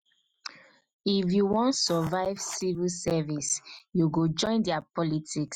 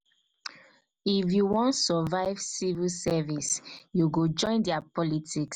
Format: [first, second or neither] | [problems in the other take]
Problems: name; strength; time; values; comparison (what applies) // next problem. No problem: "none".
second | noise reduction (classical method Wiener filter)